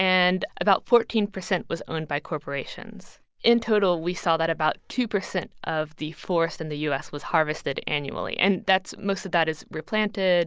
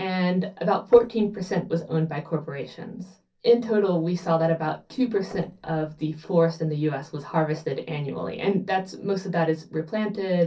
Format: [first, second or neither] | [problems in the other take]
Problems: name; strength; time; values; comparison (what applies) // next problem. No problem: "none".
first | noise reduction (neural separator model SepFormer DNS4)